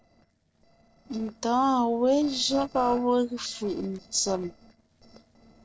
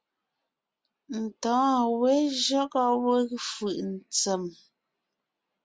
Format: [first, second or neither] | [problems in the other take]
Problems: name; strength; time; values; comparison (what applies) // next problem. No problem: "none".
second | noise reduction (neural separator model SepFormer DNS4)